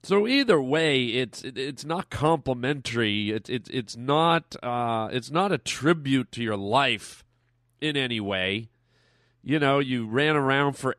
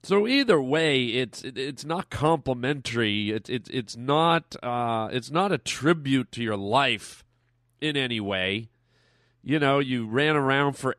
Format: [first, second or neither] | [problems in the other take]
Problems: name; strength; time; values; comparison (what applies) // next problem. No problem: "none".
neither | none